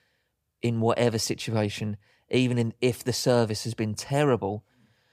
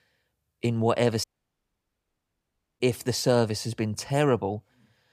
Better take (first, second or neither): first